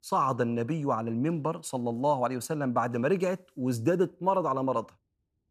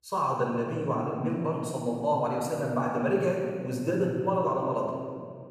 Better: first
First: none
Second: off-mic speech; far // room echo; noticeable; dies away in 1.8 s

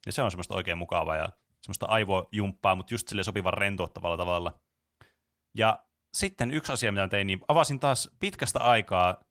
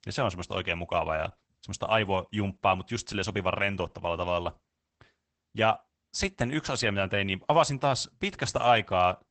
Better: first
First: garbled, watery; slightly; nothing above 17.5 kHz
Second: garbled, watery; badly; nothing above 8 kHz

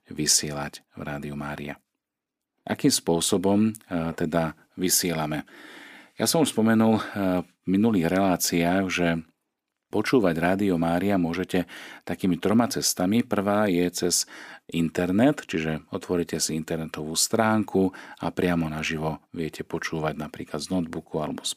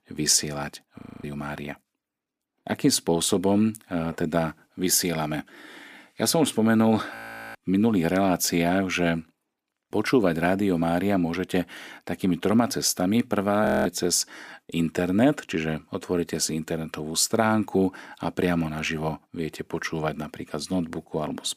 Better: first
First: none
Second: audio freezing; at 1 s, at 7 s and at 14 s

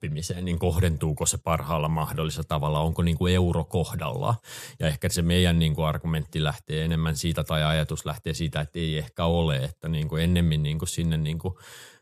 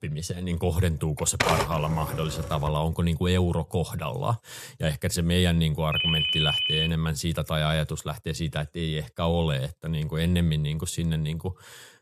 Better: first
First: none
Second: keyboard typing; loud; from 1 to 2.5 s; peak 2 dB above the speech // phone ringing; loud; at 6 s; peak 5 dB above the speech

